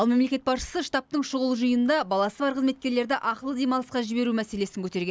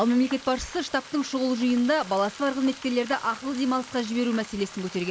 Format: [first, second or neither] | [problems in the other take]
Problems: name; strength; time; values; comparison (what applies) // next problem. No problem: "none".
first | background sound (Frying (food)); 17 dB below the speech